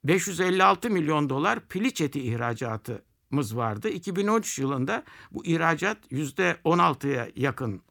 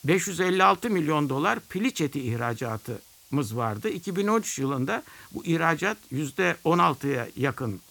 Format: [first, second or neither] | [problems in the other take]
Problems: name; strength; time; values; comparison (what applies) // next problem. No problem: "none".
first | hiss; faint; throughout; 25 dB below the speech